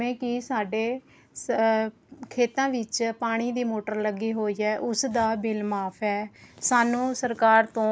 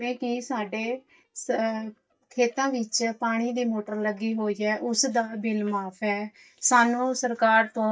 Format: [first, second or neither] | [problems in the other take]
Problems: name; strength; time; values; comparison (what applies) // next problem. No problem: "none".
first | noise reduction (neural mask model DeepFilterNet 3)